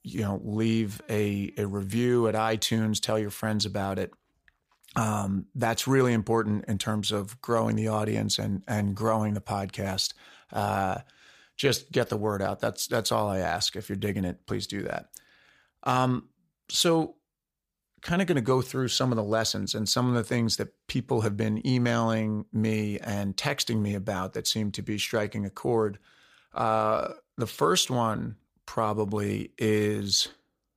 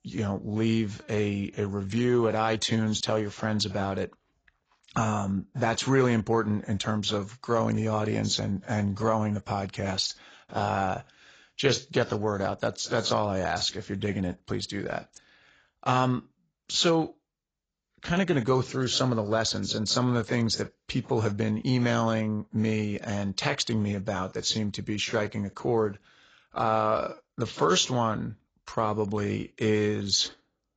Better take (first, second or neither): first